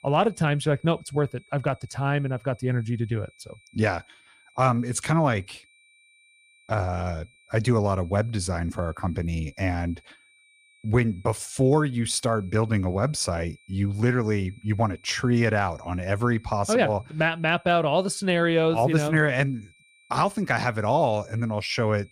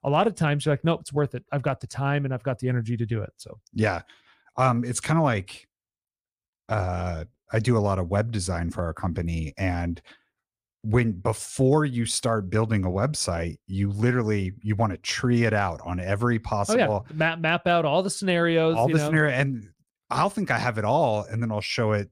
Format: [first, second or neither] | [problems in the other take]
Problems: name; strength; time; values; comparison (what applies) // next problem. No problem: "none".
second | high-pitched whine; faint; throughout; 2.5 kHz, 30 dB below the speech